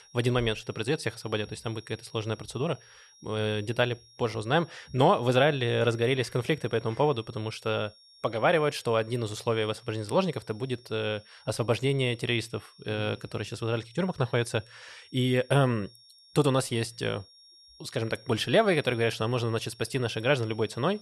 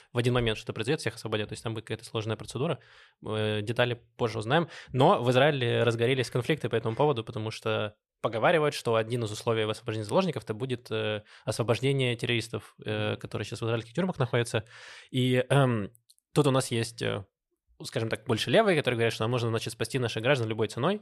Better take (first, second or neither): second